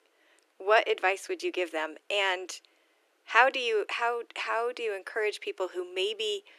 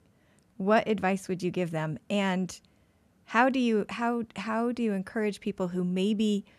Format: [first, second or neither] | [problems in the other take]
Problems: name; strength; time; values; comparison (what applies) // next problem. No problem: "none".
second | thin; very; fading below 300 Hz